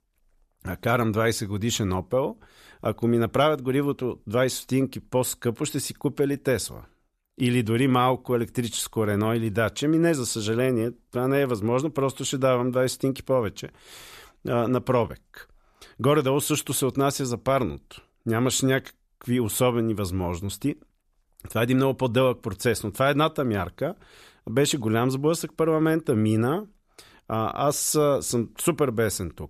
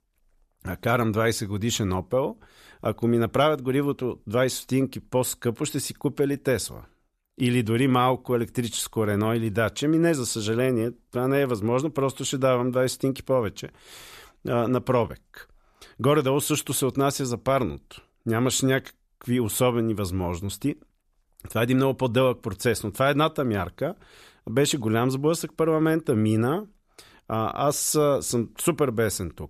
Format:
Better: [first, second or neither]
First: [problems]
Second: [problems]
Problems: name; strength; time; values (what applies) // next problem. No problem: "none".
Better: neither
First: none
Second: none